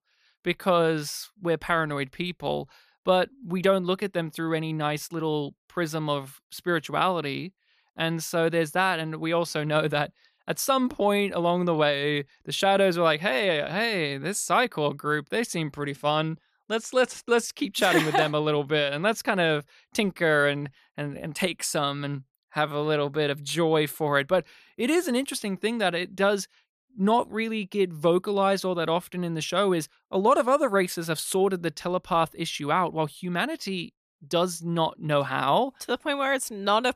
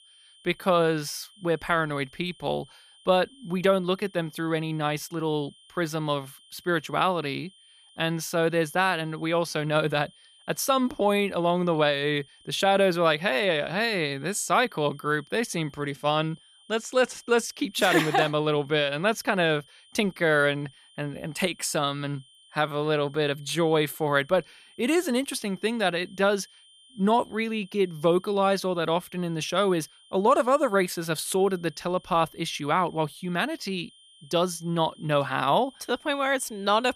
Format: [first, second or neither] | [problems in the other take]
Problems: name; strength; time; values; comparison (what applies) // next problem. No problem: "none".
first | high-pitched whine; faint; throughout; 3 kHz, 25 dB below the speech